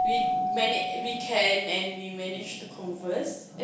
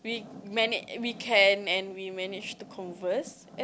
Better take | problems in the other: second | background sound (Keyboard (musical)); 2 dB below the speech // room echo; dies away in 0.6 s

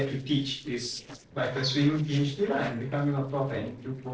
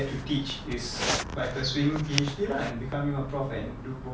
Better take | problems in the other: second | noise reduction (neural separator model SepFormer DNS4)

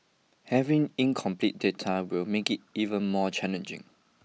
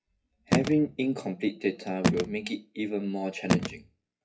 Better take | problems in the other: first | noise reduction (classical method WPE with log-MMSE)

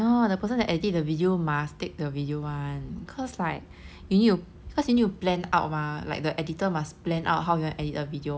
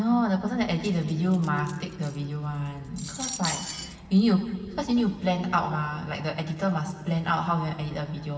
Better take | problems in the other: first | background sound (Cutlery, silverware); 13 dB below the speech // room echo; dies away in 2.5 s

